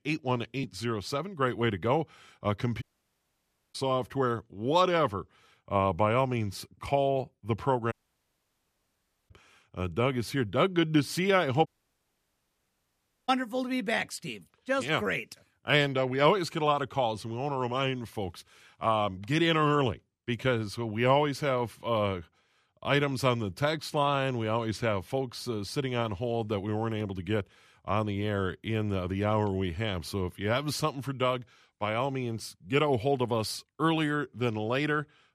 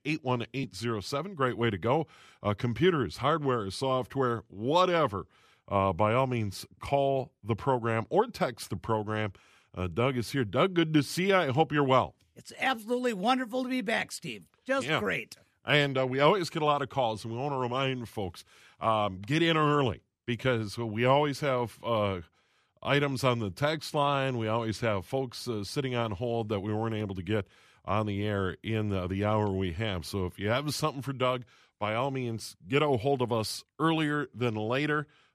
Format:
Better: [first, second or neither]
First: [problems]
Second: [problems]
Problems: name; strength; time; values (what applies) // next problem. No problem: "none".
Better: second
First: audio cutting out; at 3 s for 1 s, at 8 s for 1.5 s and at 12 s for 1.5 s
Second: none